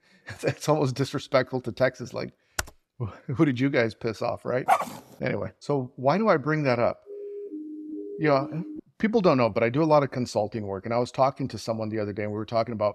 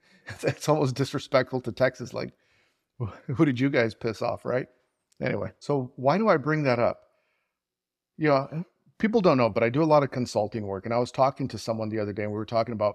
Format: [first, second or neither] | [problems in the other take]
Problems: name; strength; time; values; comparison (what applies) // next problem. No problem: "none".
second | keyboard typing; very faint; at 2.5 s; peak 8 dB below the speech // dog barking; loud; at 4.5 s; peak 1 dB above the speech // siren; faint; from 7 to 9 s; peak 10 dB below the speech